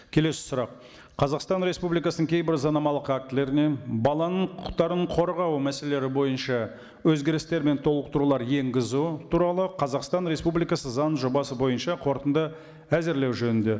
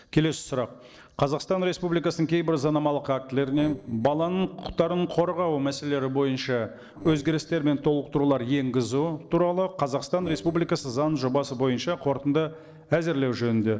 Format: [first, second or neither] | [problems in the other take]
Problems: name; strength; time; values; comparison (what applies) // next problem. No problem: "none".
first | noise reduction (neural separator model SepFormer DNS4)